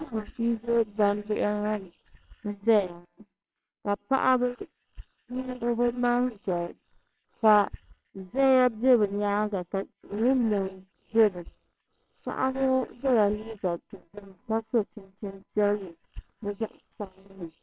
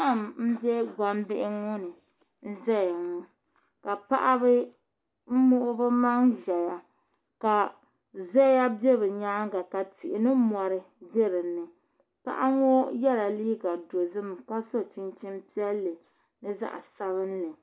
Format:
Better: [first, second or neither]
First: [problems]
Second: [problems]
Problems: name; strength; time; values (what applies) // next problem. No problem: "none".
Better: second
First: noise reduction (neural separator model SepFormer WHAMR!)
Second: none